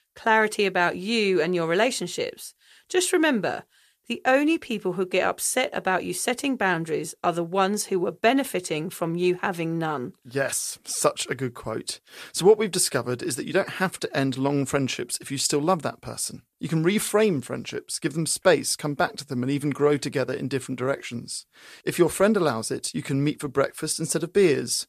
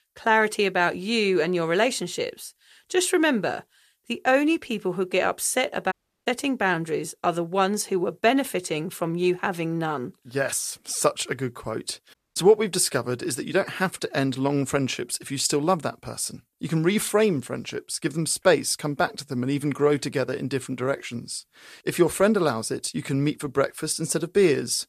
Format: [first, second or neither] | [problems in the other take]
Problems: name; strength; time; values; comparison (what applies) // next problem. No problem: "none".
first | audio cutting out; at 6 s and at 12 s